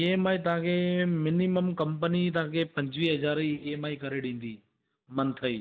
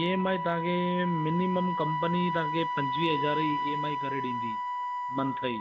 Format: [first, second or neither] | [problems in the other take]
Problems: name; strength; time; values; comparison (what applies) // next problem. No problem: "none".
first | background sound (Wind instrument, woodwind instrument); 1 dB below the speech